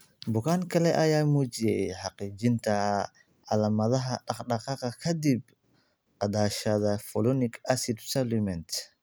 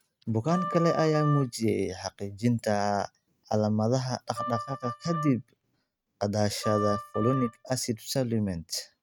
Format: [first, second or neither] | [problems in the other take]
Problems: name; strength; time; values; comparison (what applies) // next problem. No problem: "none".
first | noise reduction (neural mask model RNNoise)